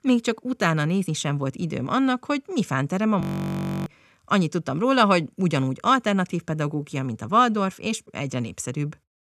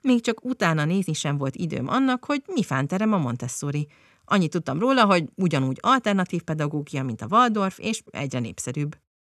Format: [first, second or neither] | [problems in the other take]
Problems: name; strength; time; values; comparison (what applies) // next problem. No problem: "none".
second | audio freezing; at 3 s for 0.5 s